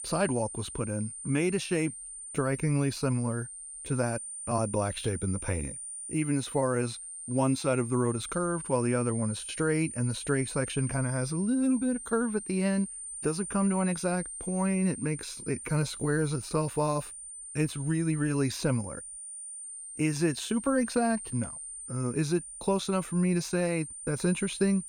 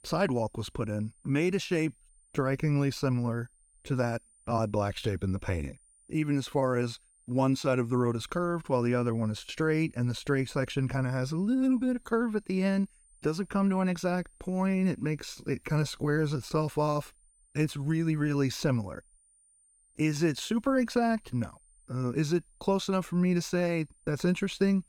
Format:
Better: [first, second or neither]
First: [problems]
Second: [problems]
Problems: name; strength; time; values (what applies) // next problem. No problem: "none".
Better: second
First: high-pitched whine; loud; throughout; 9 kHz, 9 dB below the speech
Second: high-pitched whine; faint; throughout; 9 kHz, 30 dB below the speech